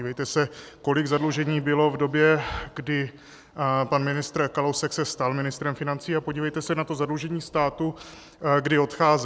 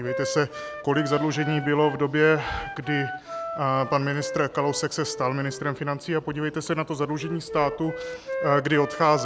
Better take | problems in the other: first | background sound (Wind instrument, woodwind instrument); 10 dB below the speech

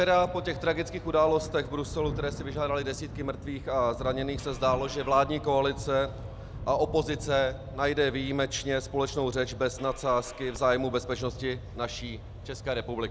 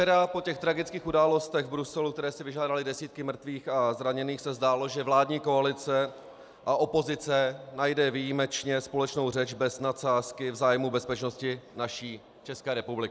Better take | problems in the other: second | background sound (Engine starting / Car + Thunder / Rain); 11 dB below the speech

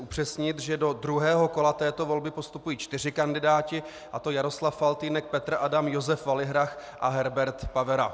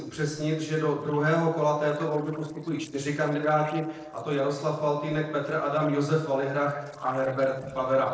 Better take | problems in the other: first | noise reduction (neural separator model SepFormer DNS4)

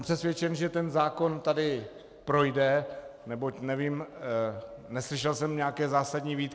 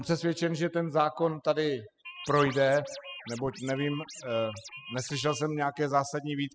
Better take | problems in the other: first | noise reduction (classical method spectral subtraction)

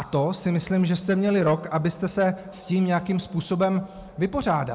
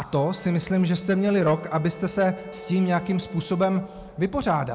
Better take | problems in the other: first | background sound (Bowed string instrument); 20 dB below the speech

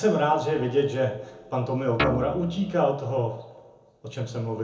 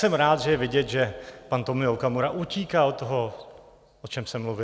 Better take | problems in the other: second | background sound (Guitar); 4 dB below the speech // room echo; dies away in 0.6 s

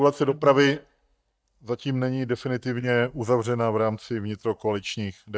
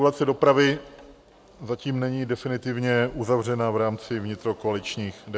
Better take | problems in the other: second | noise reduction (neural mask model DeepFilterNet 3)

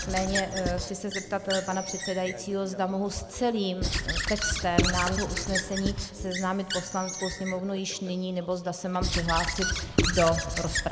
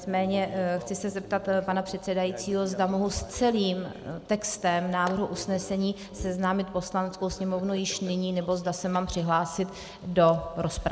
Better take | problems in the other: second | background sound (Squeak / Writing); 2 dB below the speech

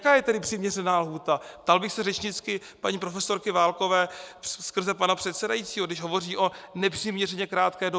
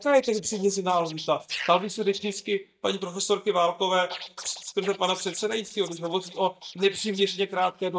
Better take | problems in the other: first | noise reduction (neural mask model DeepFilterNet 3)

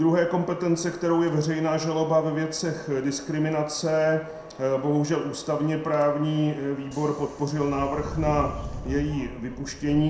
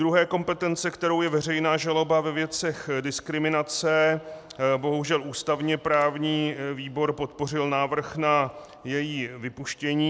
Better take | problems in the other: second | background sound (Subway, metro, underground); 15 dB below the speech // room echo; dies away in 0.6 s

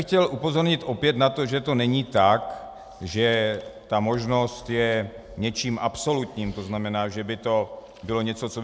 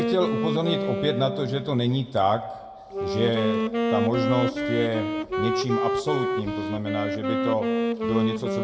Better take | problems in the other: first | background sound (Wind instrument, woodwind instrument); as loud as the speech // room echo; dies away in 0.5 s

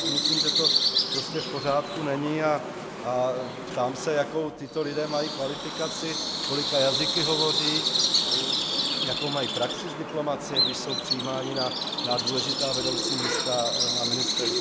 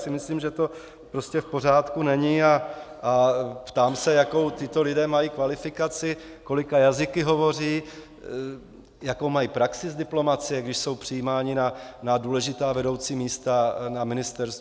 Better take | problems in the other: second | background sound (Bird vocalization, bird call, bird song); 2 dB above the speech

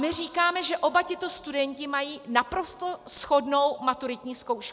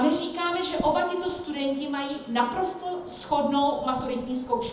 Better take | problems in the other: first | background sound (Wind); 17 dB below the speech // room echo; dies away in 1 s

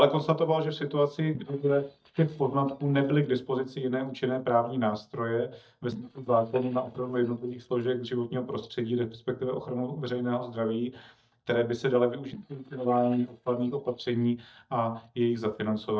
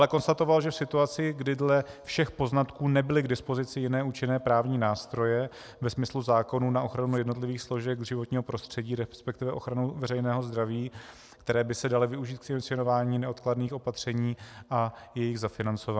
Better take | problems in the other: second | noise reduction (neural mask model DeepFilterNet 3)

